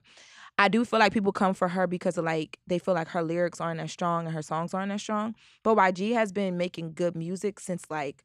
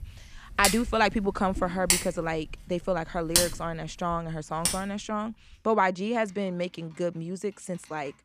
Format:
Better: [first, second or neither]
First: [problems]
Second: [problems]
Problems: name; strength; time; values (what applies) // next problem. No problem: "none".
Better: first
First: none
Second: household noises; very loud; throughout; 2 dB above the speech